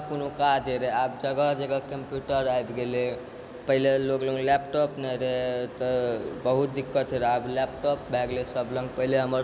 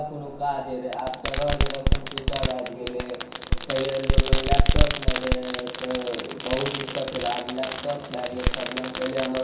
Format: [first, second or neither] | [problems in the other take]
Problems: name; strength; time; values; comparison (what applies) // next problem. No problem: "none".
first | background sound (Fireworks); 4 dB above the speech // room echo; dies away in 0.6 s